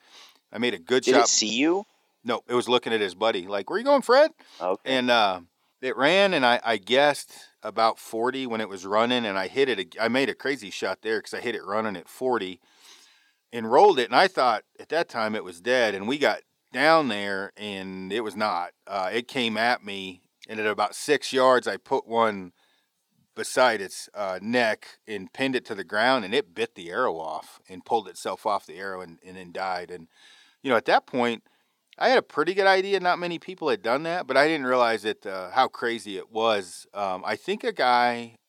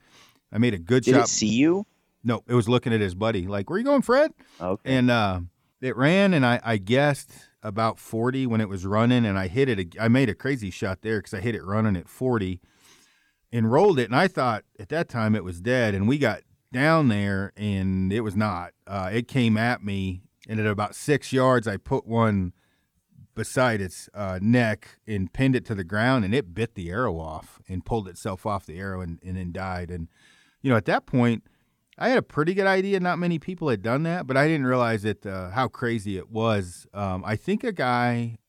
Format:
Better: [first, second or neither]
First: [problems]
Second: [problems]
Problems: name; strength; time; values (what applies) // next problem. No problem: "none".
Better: second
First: thin; somewhat; fading below 450 Hz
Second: none